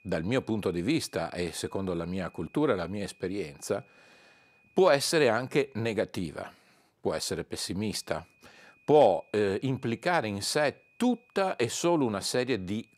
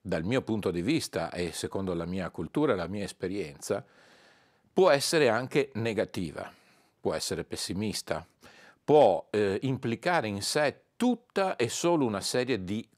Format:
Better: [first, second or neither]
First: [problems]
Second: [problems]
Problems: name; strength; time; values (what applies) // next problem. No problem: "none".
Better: second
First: high-pitched whine; faint; until 6 s and from 8 s on; 2.5 kHz, 35 dB below the speech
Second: none